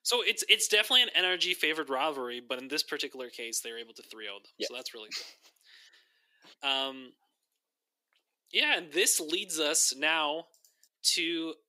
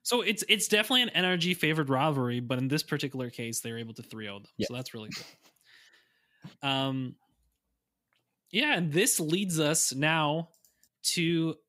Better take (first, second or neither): second